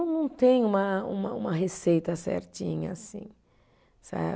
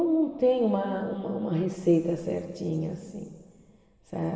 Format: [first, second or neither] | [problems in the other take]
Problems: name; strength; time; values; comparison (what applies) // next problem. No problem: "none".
first | room echo; dies away in 1.8 s